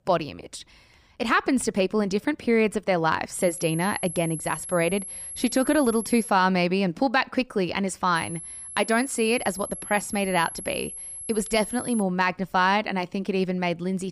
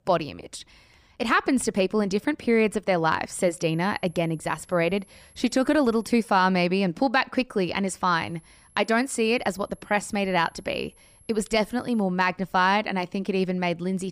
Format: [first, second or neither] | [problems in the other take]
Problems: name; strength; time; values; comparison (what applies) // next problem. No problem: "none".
second | high-pitched whine; loud; from 3.5 to 6.5 s and from 8 to 12 s; 11 kHz, 10 dB below the speech; faint in the second